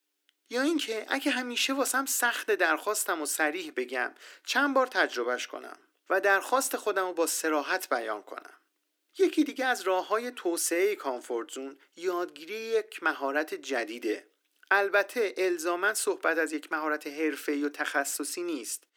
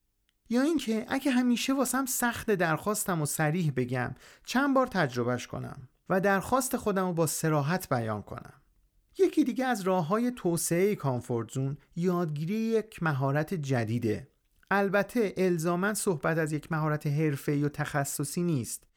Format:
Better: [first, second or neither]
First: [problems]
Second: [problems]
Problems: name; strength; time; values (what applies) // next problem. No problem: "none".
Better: second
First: thin; somewhat; fading below 300 Hz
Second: none